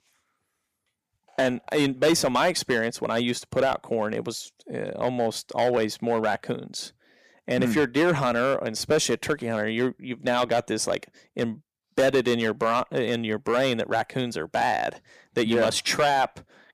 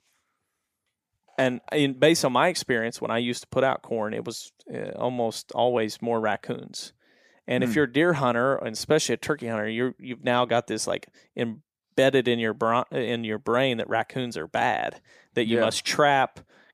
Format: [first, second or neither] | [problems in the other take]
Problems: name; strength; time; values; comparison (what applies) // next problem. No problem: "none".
second | distortion; slight; 4% of the sound clipped